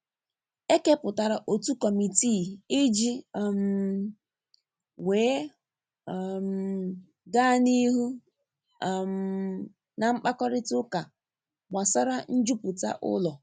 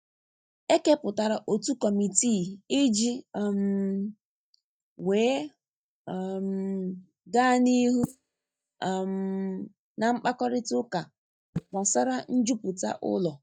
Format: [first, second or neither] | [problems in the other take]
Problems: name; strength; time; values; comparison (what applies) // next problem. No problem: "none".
first | noise reduction (neural mask model DeepFilterNet 3)